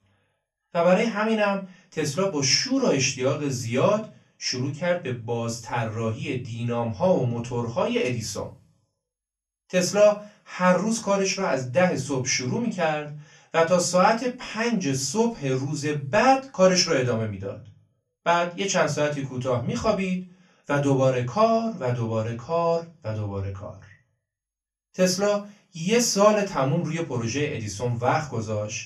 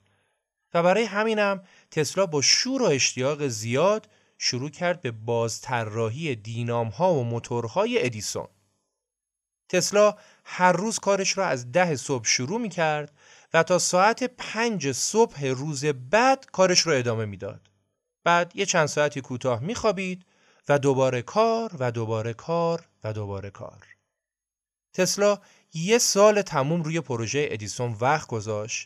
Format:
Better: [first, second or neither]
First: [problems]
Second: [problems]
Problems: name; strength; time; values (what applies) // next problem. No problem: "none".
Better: second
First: off-mic speech; far // room echo; very slight; dies away in 0.3 s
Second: none